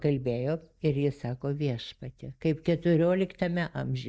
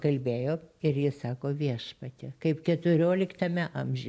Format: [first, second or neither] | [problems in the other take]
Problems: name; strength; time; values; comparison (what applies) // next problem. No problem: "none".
second | noise reduction (neural mask model DeepFilterNet 3)